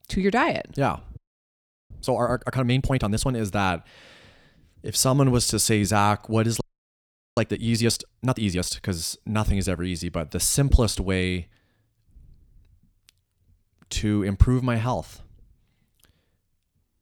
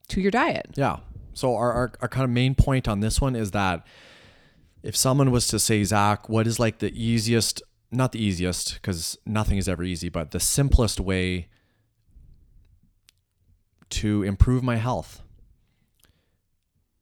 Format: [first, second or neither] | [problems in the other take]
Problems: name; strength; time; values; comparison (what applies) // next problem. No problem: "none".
second | audio freezing; at 1 s for 0.5 s and at 6.5 s for 1 s